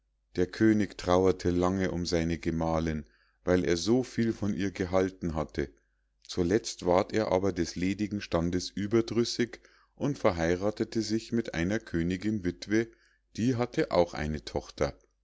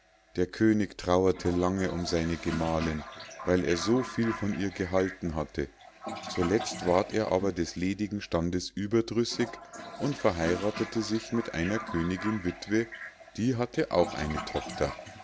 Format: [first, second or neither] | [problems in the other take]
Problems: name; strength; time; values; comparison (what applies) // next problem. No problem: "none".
first | background sound (Toilet flush); 12 dB below the speech